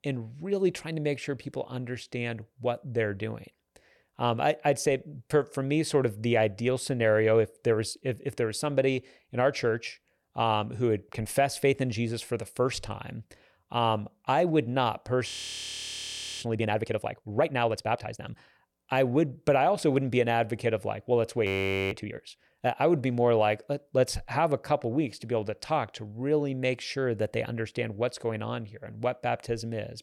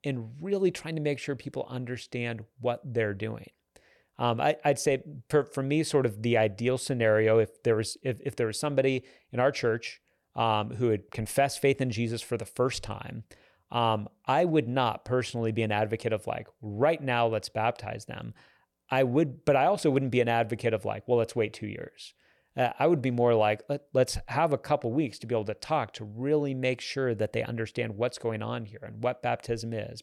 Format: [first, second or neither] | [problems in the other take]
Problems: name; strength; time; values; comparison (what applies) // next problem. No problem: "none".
second | audio freezing; at 15 s for 1 s and at 21 s